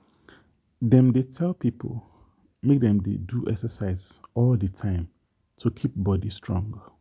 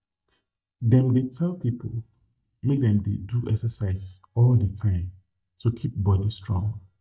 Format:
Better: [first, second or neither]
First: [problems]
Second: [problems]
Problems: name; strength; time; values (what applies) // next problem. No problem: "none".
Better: first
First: none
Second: noise reduction (neural mask model DeepFilterNet 3)